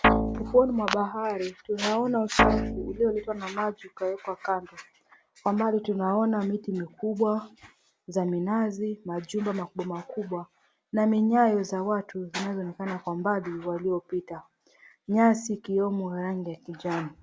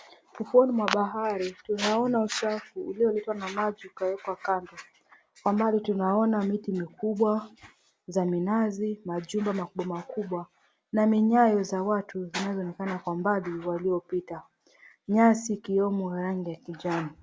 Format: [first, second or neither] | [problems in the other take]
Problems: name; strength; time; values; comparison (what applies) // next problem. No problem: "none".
second | background sound (Guitar); 2 dB above the speech